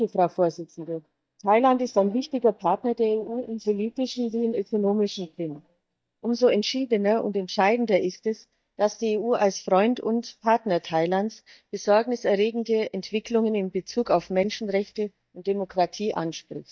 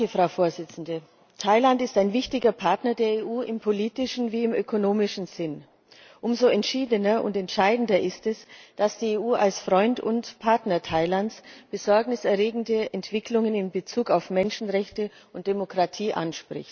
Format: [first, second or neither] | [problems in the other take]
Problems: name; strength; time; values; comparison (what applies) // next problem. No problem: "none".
second | noise reduction (neural mask model DeepFilterNet 3)